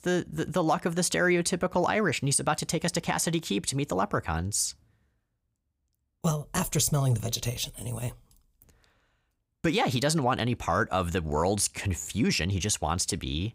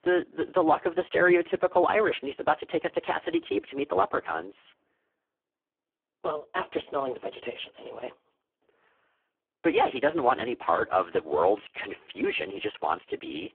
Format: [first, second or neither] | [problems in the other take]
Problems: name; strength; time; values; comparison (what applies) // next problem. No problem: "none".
first | phone-call audio; poor line